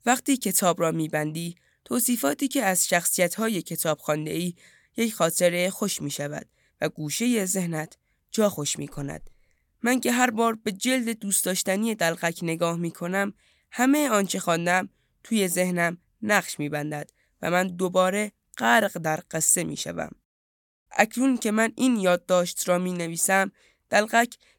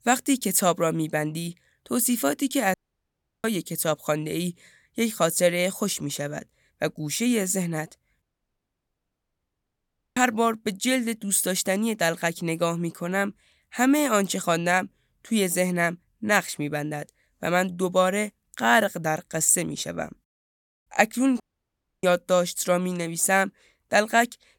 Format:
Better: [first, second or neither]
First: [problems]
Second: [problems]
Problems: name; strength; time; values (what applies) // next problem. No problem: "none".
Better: first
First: none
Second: audio cutting out; at 2.5 s for 0.5 s, at 8 s for 2 s and at 21 s for 0.5 s